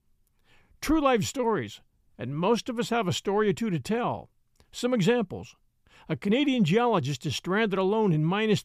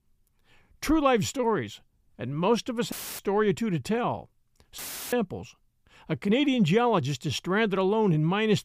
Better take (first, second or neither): first